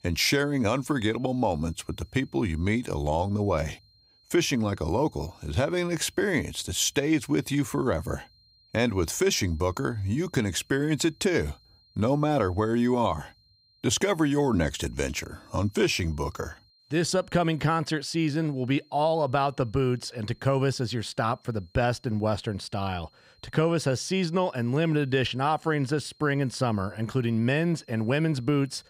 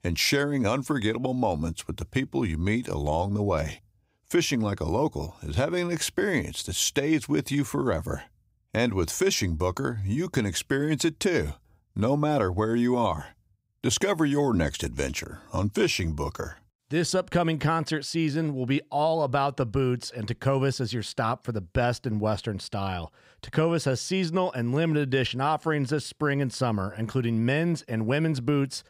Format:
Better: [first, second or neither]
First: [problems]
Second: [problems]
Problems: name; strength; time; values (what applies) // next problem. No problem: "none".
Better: second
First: high-pitched whine; faint; throughout; 4 kHz, 35 dB below the speech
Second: none